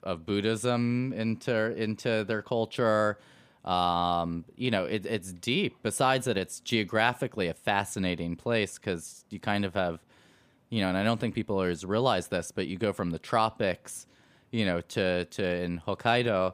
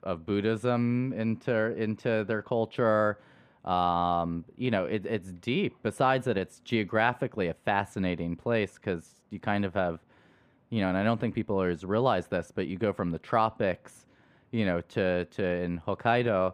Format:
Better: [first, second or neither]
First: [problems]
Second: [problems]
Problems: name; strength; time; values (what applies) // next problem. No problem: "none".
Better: first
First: none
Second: muffled; slightly; fading above 3.5 kHz